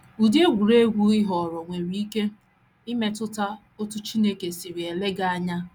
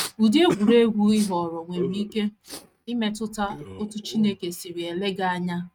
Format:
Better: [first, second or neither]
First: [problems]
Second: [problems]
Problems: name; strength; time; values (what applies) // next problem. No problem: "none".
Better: first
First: none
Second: noise reduction (neural mask model RNNoise)